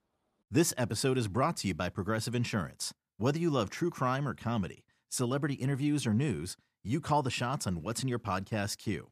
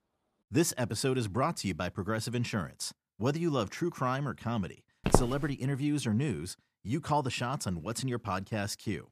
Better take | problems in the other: first | footsteps; loud; at 5 s; peak 4 dB above the speech

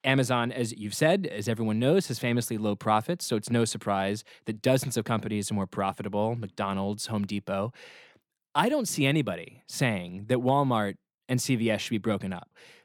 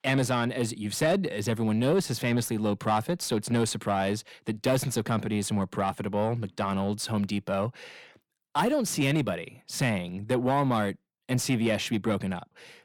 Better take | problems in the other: first | distortion; slight; 10 dB below the speech

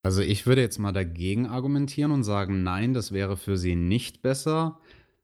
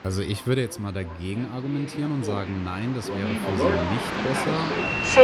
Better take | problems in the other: first | train or aircraft noise; very loud; throughout; 2 dB above the speech

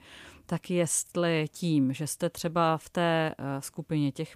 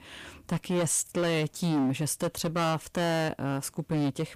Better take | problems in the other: first | distortion; heavy; 17% of the sound clipped

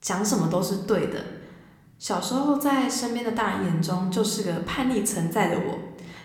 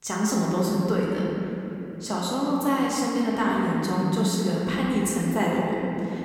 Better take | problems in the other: first | room echo; strong; dies away in 3 s; slight in the first // off-mic speech; far

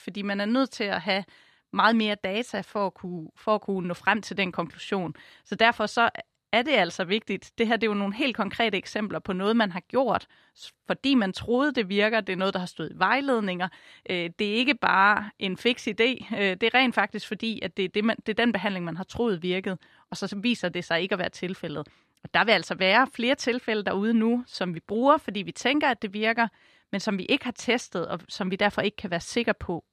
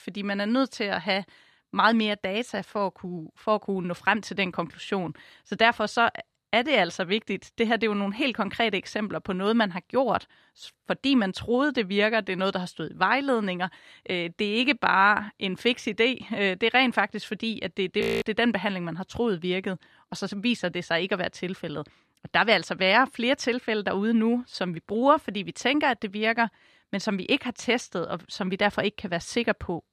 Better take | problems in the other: first | audio freezing; at 18 s

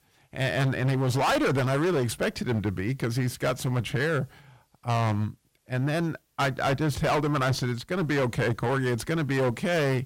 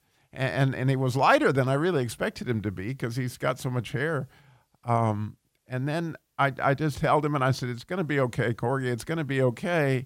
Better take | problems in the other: second | distortion; heavy; 17% of the sound clipped

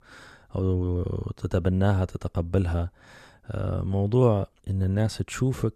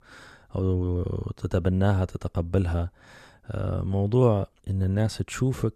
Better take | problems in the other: neither | none

